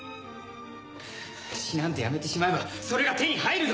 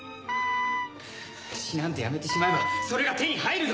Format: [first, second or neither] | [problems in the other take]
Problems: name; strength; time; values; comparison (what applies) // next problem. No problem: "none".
first | background sound (Wind instrument, woodwind instrument); 1 dB below the speech